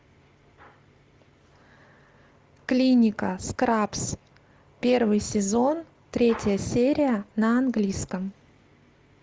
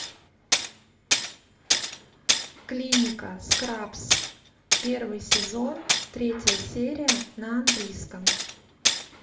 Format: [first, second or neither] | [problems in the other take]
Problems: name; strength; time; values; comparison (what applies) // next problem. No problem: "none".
first | background sound (Tools); 5 dB above the speech // room echo; dies away in 0.4 s